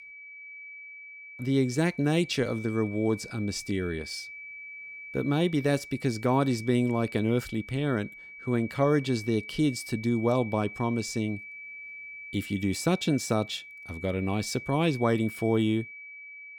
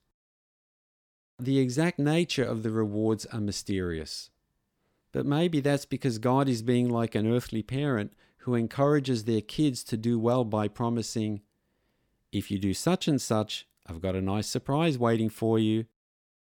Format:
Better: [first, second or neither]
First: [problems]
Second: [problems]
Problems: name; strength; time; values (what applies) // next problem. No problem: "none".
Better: second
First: high-pitched whine; noticeable; throughout; 2.5 kHz, 15 dB below the speech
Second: none